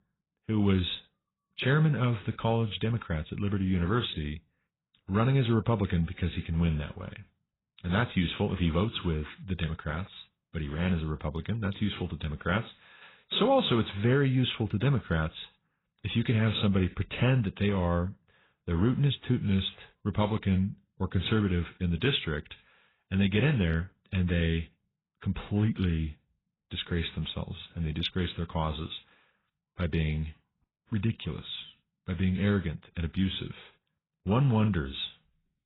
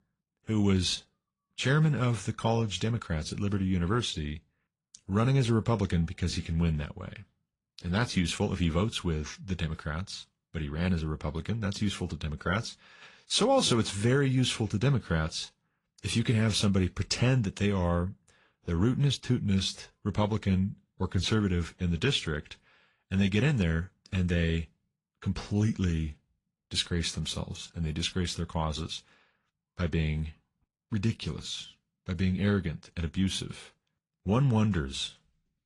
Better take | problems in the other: second | garbled, watery; badly; nothing above 4 kHz; slightly in the second

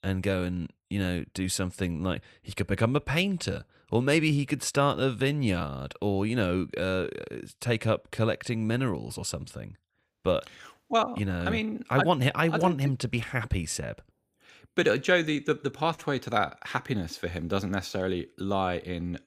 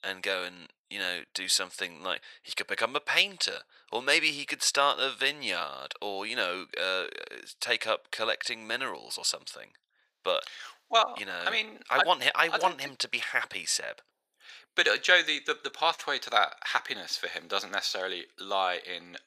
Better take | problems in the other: first | thin; very; fading below 750 Hz

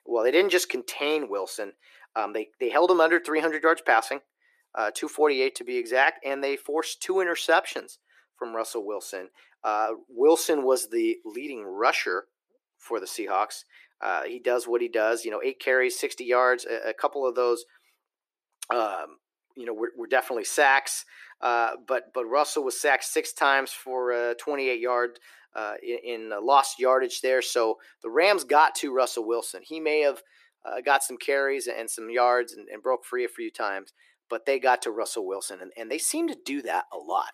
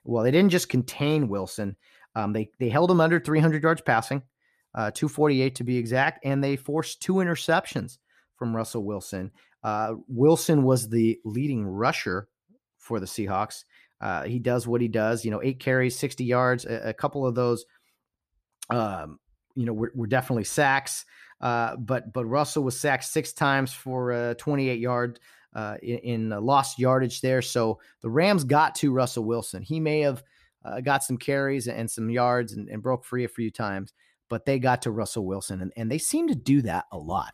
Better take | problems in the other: second | thin; very; fading below 350 Hz

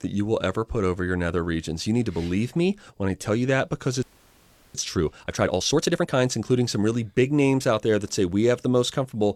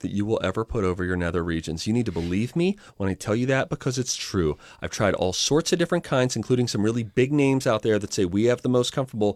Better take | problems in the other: second | audio freezing; at 4 s for 0.5 s

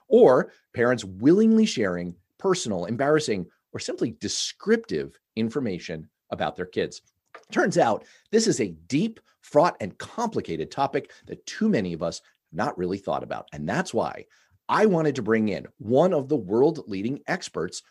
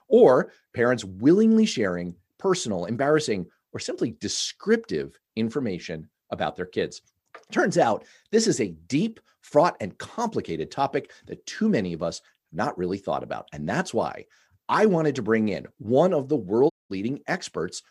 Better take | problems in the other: first | audio cutting out; at 17 s

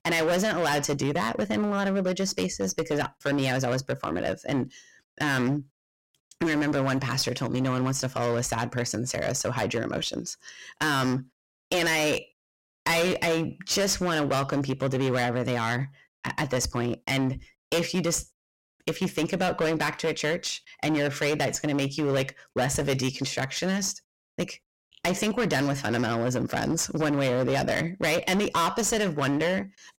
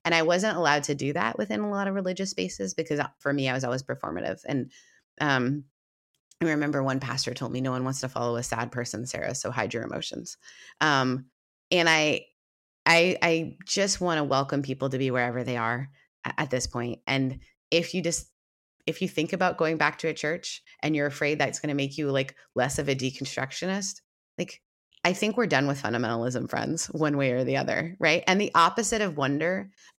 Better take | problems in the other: second | distortion; heavy; 17% of the sound clipped

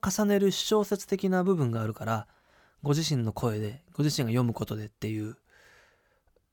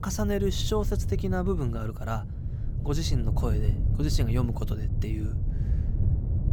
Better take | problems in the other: first | wind noise on the microphone; heavy; 10 dB below the speech

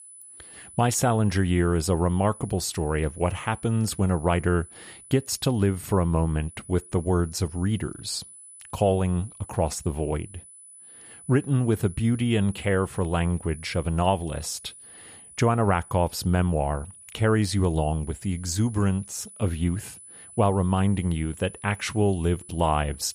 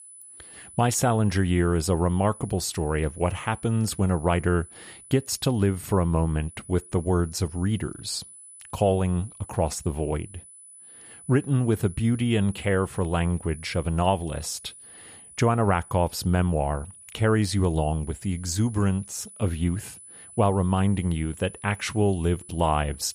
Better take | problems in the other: neither | high-pitched whine; noticeable; throughout; 10 kHz, 20 dB below the speech; the same in both

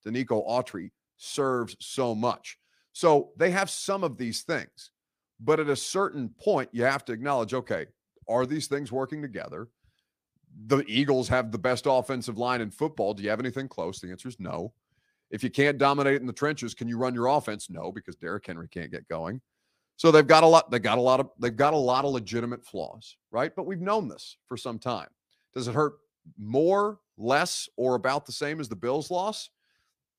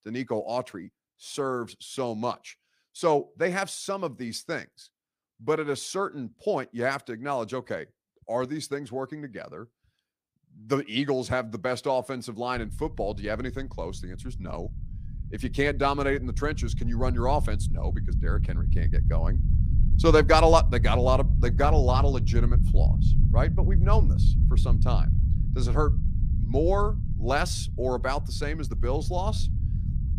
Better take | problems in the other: first | low rumble; noticeable; from 13 s on; 15 dB below the speech

